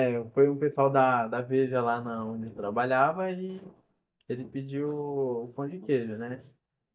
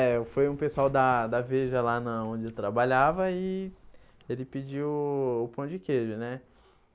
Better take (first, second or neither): second